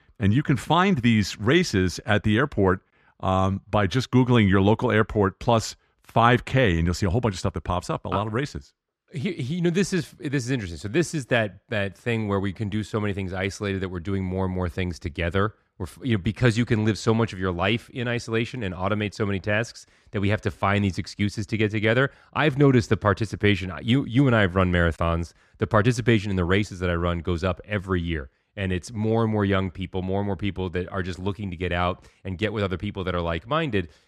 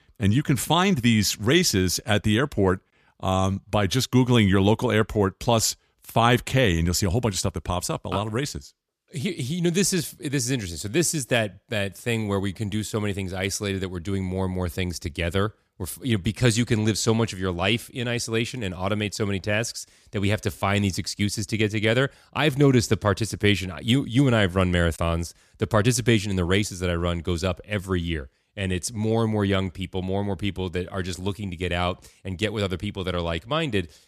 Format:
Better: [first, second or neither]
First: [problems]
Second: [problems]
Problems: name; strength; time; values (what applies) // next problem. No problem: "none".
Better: second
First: muffled; slightly; fading above 2 kHz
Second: none